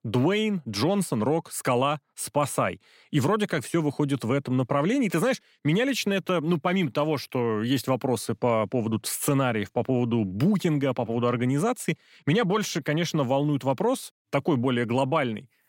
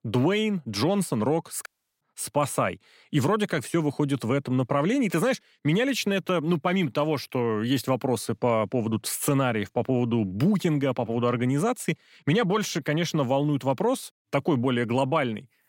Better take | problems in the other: first | audio cutting out; at 1.5 s

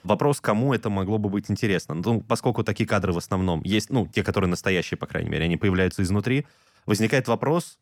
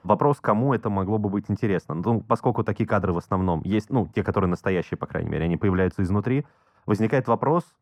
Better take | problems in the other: first | muffled; very; fading above 2 kHz

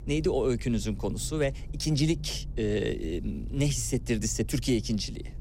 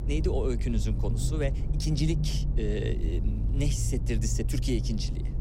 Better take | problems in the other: first | low rumble; loud; throughout; 8 dB below the speech; faint in the first

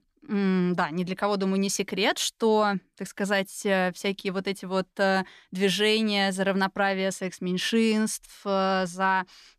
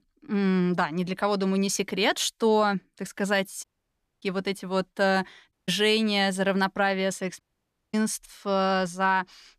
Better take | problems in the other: first | audio cutting out; at 3.5 s for 0.5 s, at 5.5 s and at 7.5 s for 0.5 s

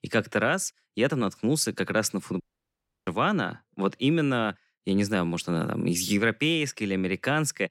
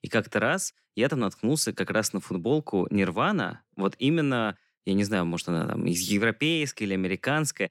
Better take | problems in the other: second | audio cutting out; at 2.5 s for 0.5 s

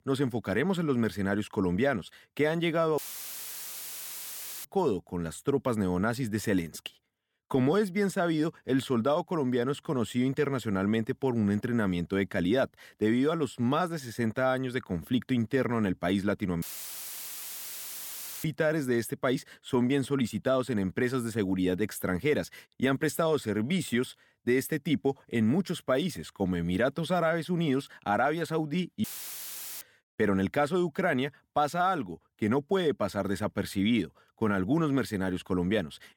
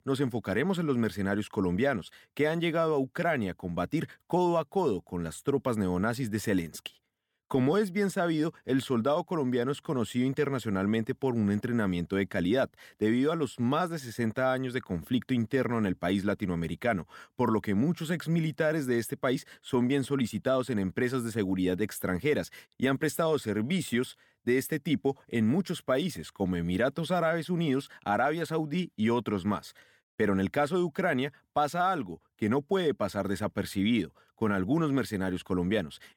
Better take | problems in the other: second | audio cutting out; filled with static; at 3 s for 1.5 s, at 17 s for 2 s and at 29 s for 1 s

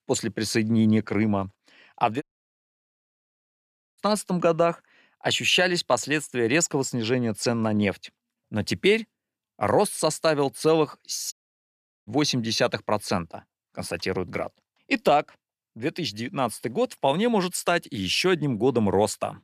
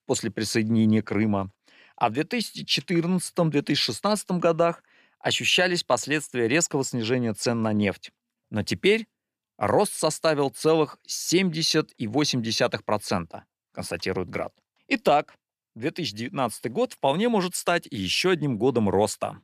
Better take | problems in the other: second | audio cutting out; at 2 s for 2 s and at 11 s for 1 s

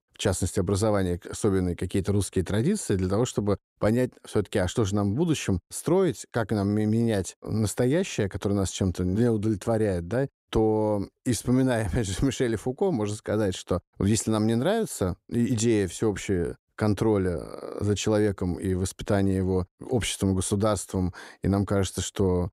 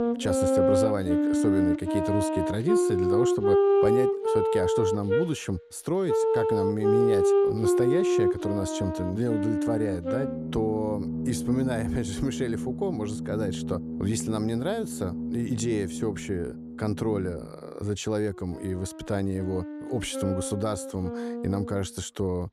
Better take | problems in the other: first | background music; very loud; throughout; 3 dB above the speech

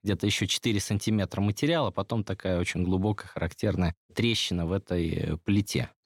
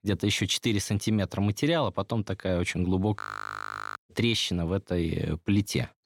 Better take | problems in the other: first | audio freezing; at 3 s for 1 s

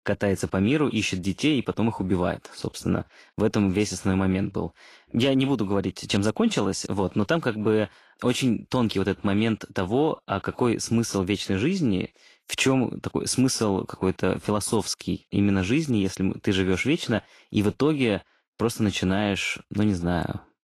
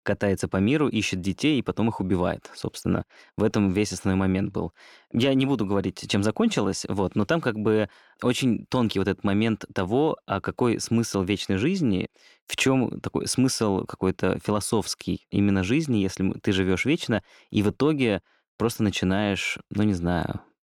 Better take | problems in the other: second | garbled, watery; slightly; nothing above 11.5 kHz

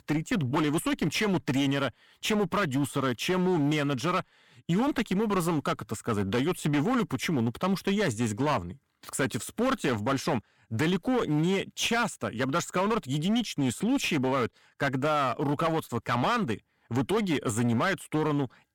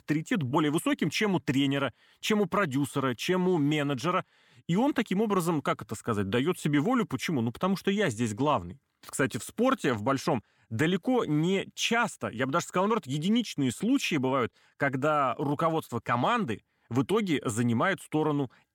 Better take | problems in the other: second | distortion; slight; 16% of the sound clipped

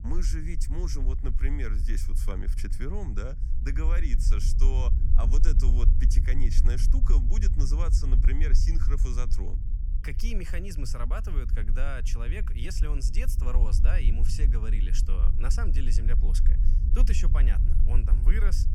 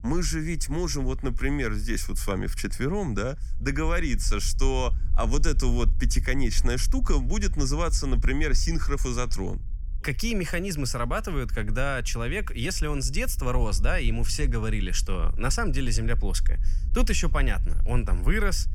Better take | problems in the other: second | low rumble; loud; throughout; 7 dB below the speech; faint in the second

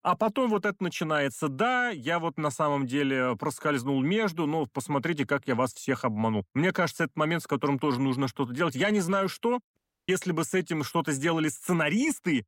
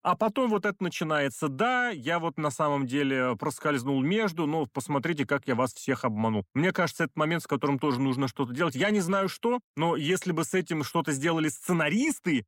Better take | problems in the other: second | audio cutting out; at 10 s

